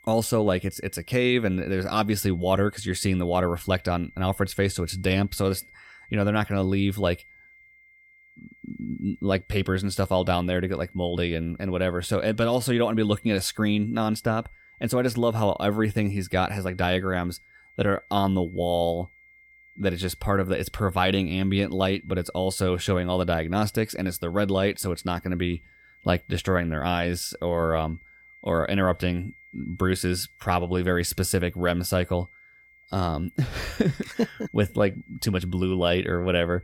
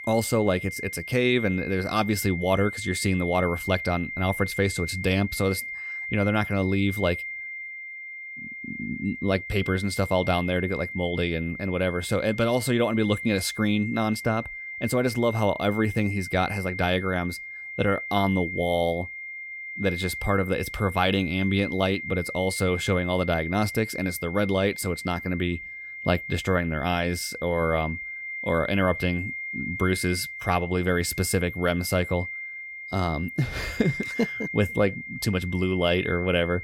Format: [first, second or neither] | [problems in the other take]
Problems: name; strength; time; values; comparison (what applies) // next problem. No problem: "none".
first | high-pitched whine; loud; throughout; 2 kHz, 8 dB below the speech; faint in the first